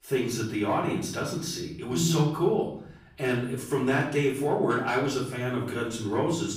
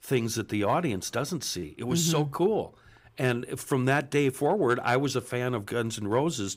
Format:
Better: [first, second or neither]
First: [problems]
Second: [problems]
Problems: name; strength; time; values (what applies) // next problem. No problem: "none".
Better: second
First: off-mic speech; far // room echo; noticeable; dies away in 0.6 s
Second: none